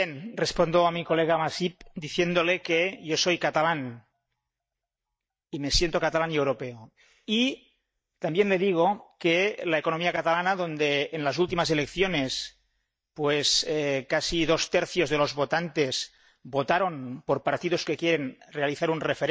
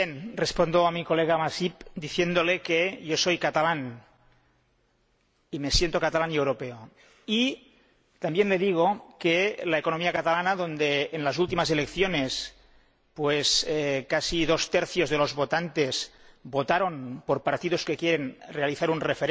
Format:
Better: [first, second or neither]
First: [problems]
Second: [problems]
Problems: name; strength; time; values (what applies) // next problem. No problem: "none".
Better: second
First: noise reduction (neural mask model DeepFilterNet 3)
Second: none